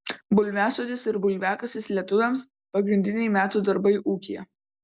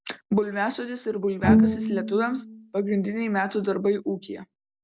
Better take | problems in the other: first | background sound (Bowed string instrument); 1 dB above the speech

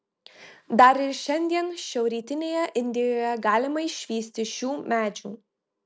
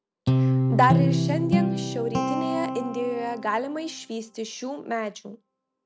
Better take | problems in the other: first | background sound (Guitar); 3 dB above the speech

